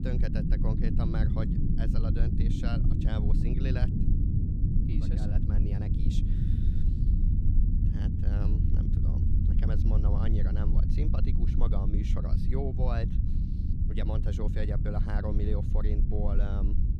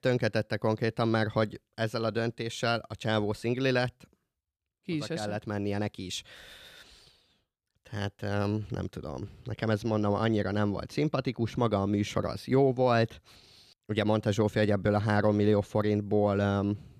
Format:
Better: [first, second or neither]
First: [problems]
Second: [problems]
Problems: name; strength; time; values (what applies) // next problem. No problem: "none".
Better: second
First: low rumble; loud; throughout; as loud as the speech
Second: none